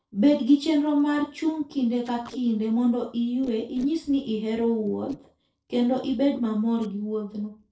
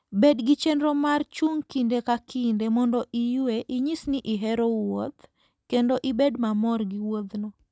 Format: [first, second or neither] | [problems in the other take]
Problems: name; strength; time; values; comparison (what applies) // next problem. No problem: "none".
second | noise reduction (neural separator model SepFormer DNS4)